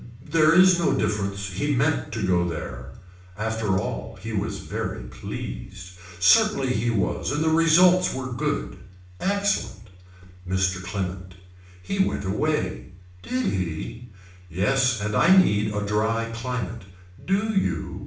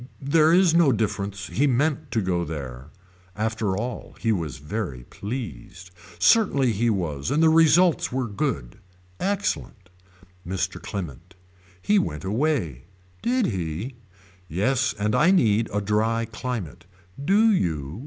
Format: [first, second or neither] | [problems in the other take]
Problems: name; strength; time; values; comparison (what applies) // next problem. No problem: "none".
second | room echo; dies away in 0.5 s